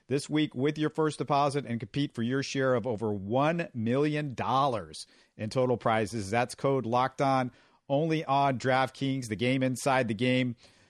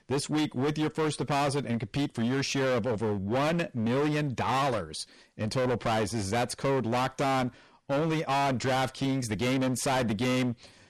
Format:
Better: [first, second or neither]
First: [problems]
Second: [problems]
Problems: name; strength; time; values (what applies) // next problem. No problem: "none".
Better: first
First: none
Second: distortion; heavy; 25% of the sound clipped